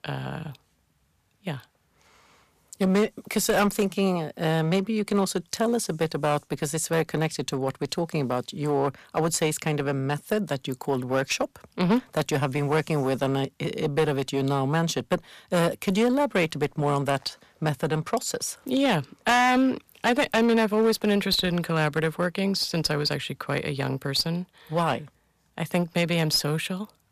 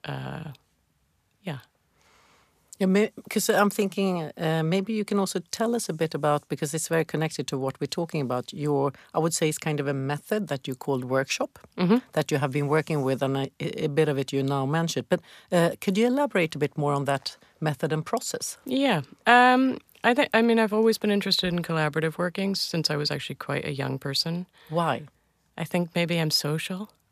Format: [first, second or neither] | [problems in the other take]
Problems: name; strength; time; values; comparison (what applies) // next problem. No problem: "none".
second | distortion; slight; 6% of the sound clipped